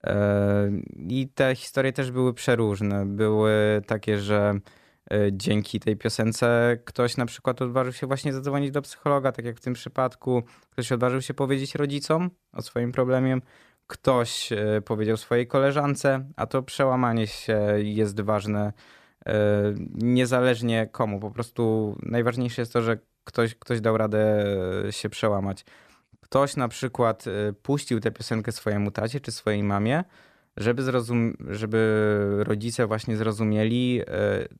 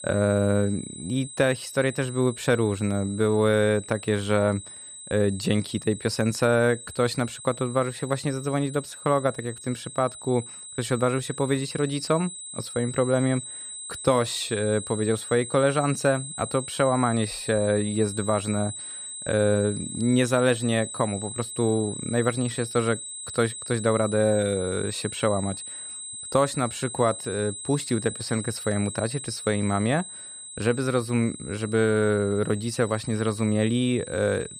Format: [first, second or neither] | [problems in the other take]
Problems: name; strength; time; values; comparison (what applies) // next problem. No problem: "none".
first | high-pitched whine; noticeable; throughout; 8 kHz, 10 dB below the speech